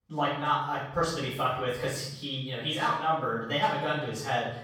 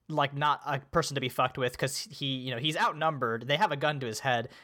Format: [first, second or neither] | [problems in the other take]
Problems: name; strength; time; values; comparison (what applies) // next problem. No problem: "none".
second | off-mic speech; far // room echo; noticeable; dies away in 0.6 s